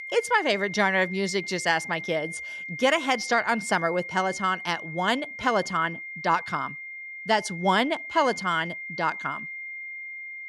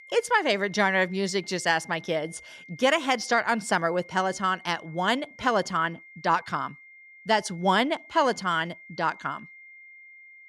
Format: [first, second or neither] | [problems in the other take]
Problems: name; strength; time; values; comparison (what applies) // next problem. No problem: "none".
second | high-pitched whine; loud; throughout; 2 kHz, 9 dB below the speech; faint in the second